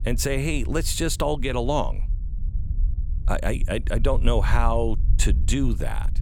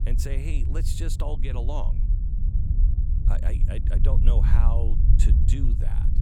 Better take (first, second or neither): first